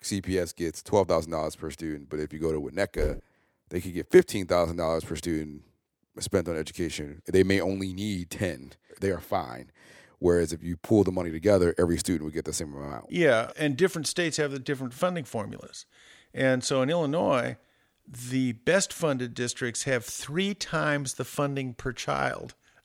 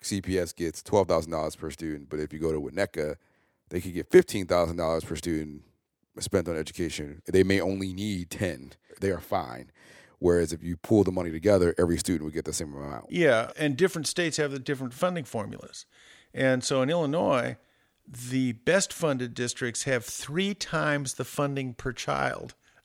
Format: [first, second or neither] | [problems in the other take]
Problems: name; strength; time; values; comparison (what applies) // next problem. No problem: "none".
second | footsteps; noticeable; at 3 s; peak 8 dB below the speech